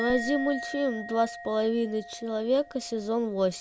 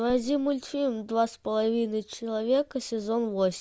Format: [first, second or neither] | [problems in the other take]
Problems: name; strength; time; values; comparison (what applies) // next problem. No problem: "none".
second | background sound (Musical instrument); 12 dB below the speech